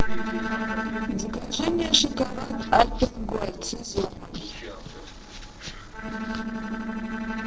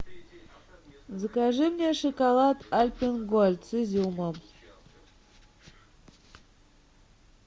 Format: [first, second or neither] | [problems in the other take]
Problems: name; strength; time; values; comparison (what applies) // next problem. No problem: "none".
second | noise reduction (neural separator model SepFormer DNS4)